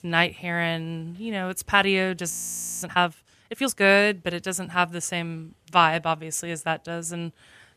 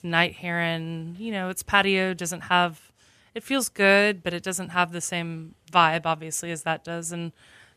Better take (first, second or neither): second